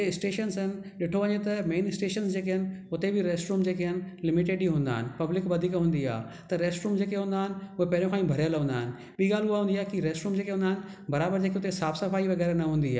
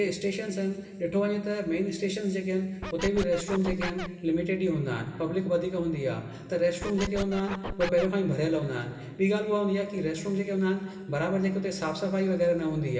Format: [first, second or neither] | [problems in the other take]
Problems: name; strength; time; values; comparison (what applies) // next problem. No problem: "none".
first | background sound (Scratching (performance technique)); 8 dB below the speech // room echo; dies away in 2 s